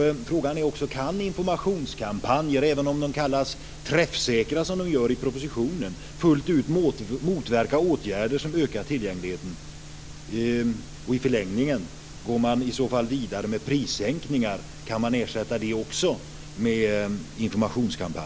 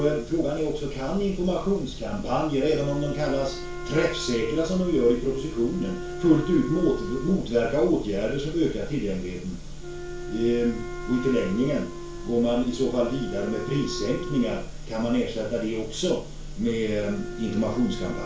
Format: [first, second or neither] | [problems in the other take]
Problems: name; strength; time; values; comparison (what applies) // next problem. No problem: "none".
first | background sound (Wind instrument, woodwind instrument); 13 dB below the speech // room echo; dies away in 0.3 s